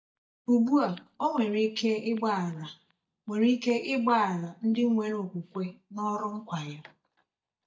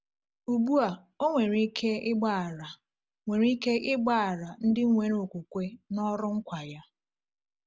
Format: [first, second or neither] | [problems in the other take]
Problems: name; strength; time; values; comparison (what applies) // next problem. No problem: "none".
second | noise reduction (neural mask model DeepFilterNet 3)